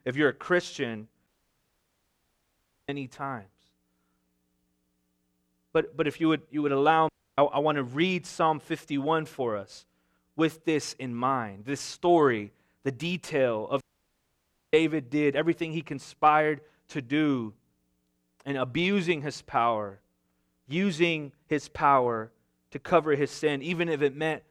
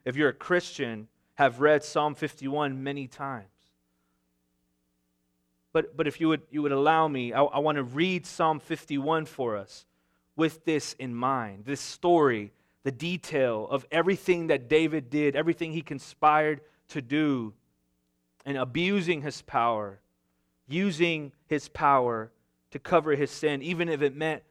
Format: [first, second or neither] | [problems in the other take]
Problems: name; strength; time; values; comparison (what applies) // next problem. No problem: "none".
second | audio cutting out; at 1.5 s for 1.5 s, at 7 s and at 14 s for 1 s